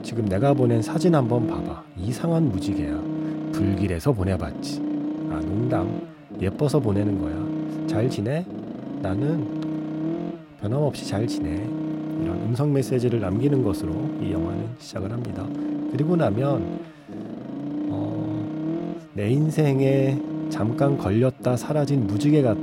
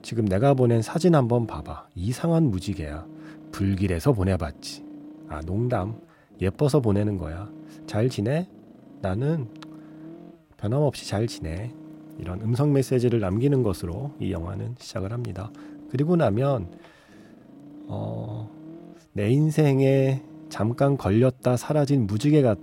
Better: second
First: low rumble; loud; throughout; 5 dB below the speech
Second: low rumble; faint; throughout; 20 dB below the speech

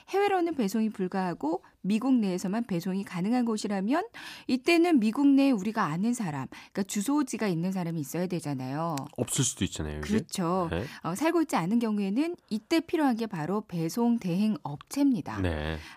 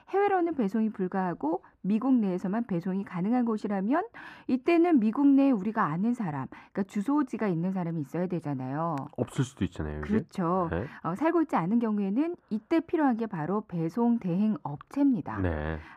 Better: first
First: none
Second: muffled; very; fading above 2.5 kHz

